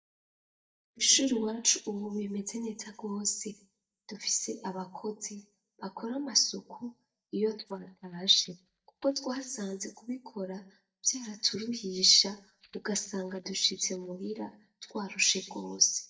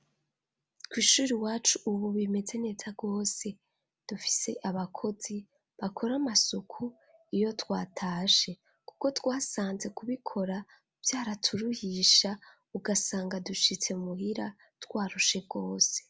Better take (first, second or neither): second